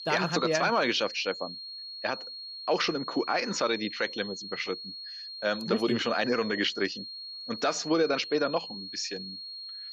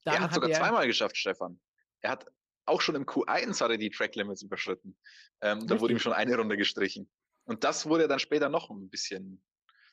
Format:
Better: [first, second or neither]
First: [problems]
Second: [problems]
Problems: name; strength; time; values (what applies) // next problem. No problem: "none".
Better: second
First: high-pitched whine; loud; throughout; 4.5 kHz, 9 dB below the speech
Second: none